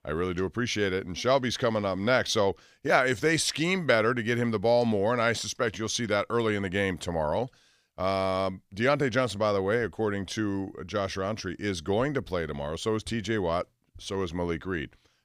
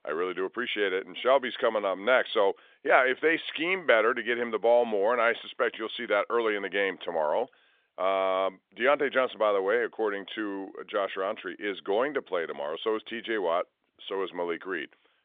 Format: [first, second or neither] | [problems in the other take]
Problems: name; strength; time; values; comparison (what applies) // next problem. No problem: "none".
first | phone-call audio